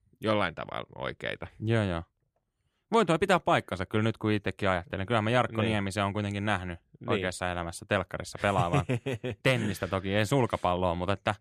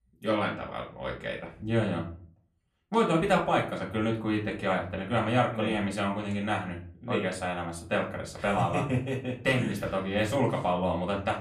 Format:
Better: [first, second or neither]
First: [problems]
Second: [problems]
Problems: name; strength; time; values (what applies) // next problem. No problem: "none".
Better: first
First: none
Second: off-mic speech; far // room echo; slight; dies away in 0.4 s